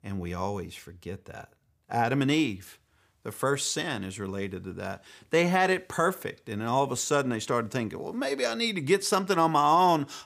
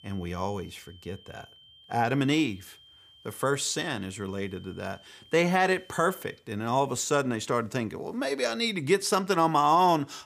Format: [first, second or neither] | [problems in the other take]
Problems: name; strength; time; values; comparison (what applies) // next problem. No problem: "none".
first | high-pitched whine; faint; until 6.5 s; 3 kHz, 25 dB below the speech